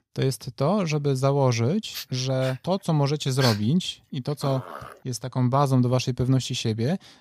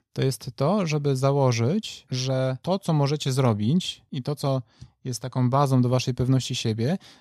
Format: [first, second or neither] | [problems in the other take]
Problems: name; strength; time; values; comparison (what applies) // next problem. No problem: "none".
second | dog barking; noticeable; from 2 to 5 s; peak 4 dB below the speech